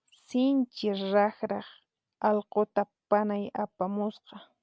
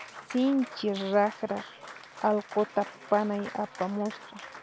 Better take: first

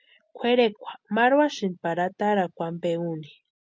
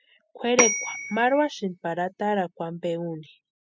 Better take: first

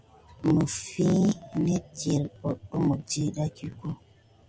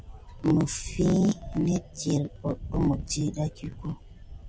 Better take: first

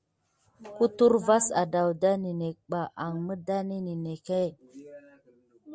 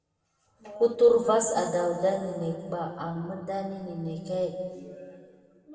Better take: first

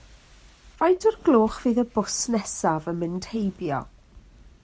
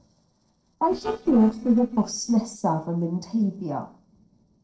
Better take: first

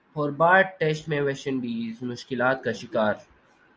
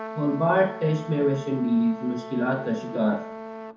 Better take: first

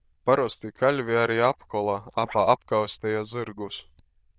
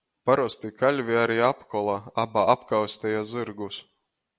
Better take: second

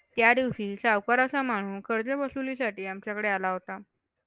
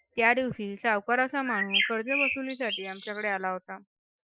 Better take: first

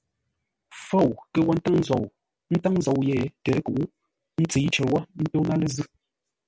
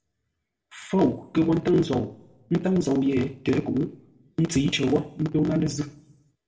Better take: first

